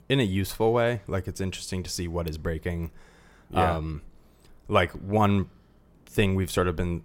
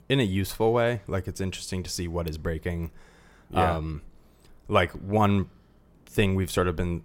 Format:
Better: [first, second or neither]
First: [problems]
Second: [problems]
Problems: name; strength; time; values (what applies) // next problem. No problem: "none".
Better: neither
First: none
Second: none